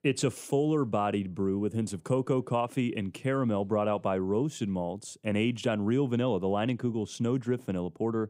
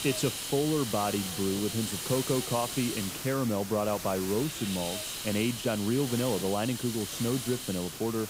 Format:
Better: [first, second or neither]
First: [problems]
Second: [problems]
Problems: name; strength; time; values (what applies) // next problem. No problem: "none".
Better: first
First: none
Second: hiss; loud; throughout; 4 dB below the speech